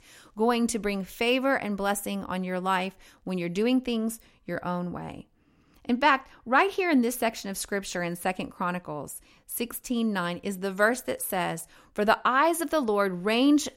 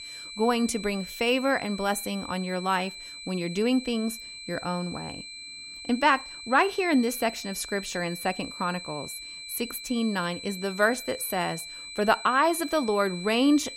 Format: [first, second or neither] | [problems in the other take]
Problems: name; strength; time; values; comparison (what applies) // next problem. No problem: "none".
first | high-pitched whine; noticeable; throughout; 4 kHz, 10 dB below the speech